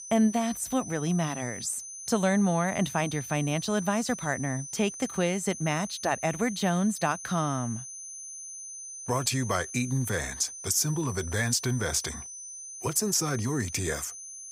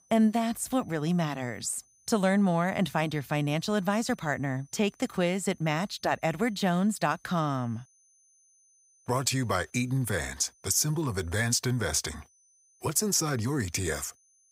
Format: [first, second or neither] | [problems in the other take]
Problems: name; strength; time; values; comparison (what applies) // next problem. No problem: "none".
second | high-pitched whine; loud; throughout; 6 kHz, 10 dB below the speech; faint in the second